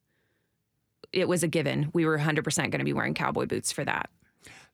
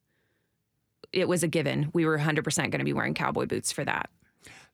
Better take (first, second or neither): neither